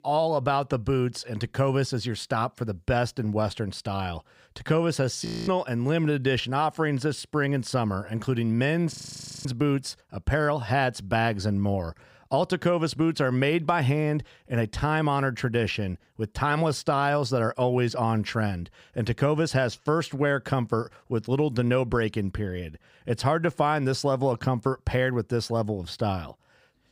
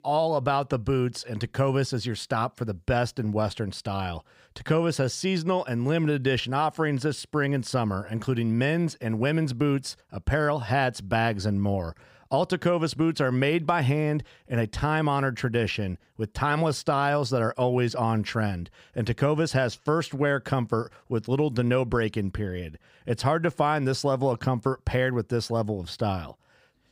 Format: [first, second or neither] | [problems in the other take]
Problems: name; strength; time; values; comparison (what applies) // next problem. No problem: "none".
second | audio freezing; at 5.5 s and at 9 s for 0.5 s